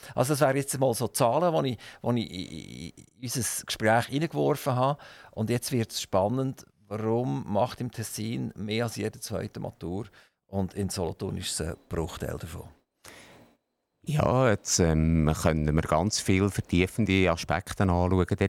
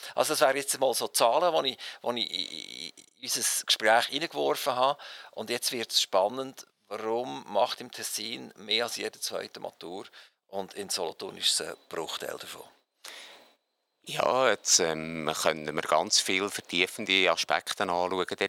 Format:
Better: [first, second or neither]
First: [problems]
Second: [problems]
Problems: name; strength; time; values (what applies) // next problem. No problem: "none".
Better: first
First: none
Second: thin; very; fading below 500 Hz